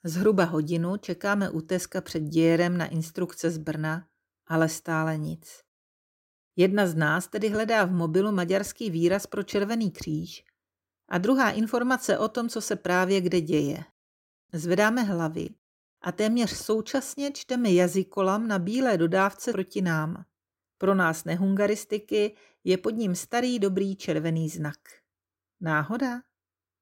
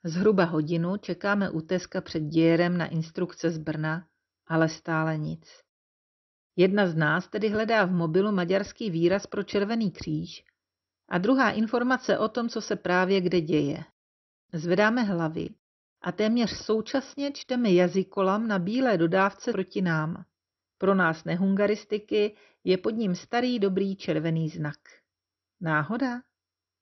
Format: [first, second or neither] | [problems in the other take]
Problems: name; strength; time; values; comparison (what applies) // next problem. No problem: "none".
first | garbled, watery; slightly; nothing above 6 kHz